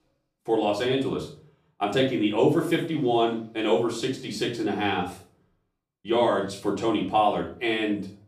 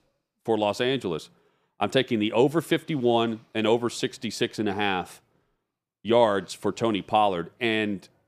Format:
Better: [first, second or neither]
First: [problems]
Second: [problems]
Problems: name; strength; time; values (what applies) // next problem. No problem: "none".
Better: second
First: off-mic speech; far // room echo; slight; dies away in 0.4 s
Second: none